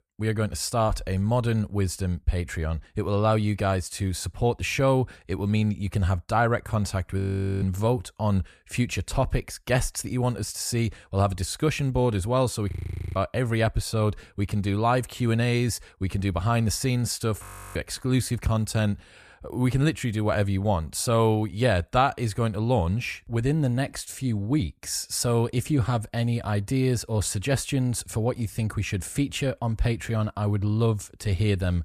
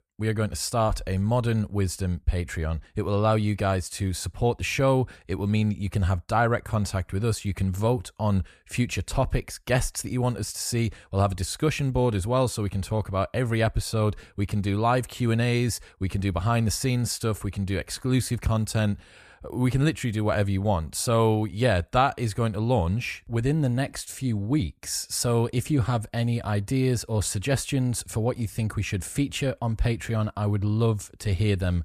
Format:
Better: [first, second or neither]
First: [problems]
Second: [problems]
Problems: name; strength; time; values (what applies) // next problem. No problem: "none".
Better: second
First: audio freezing; at 7 s, at 13 s and at 17 s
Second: none